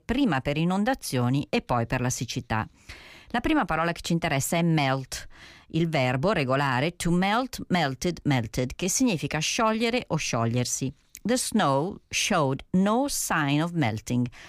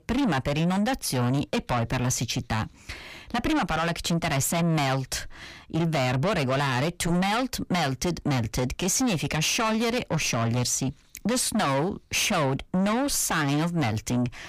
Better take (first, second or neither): first